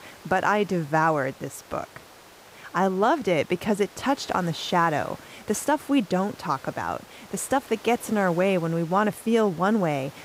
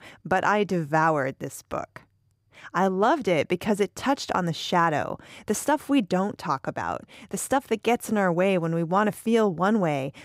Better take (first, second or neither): second